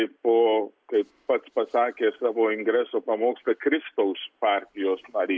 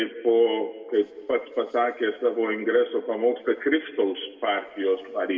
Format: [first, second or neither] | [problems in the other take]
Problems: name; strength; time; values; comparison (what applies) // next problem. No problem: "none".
first | room echo; dies away in 1 s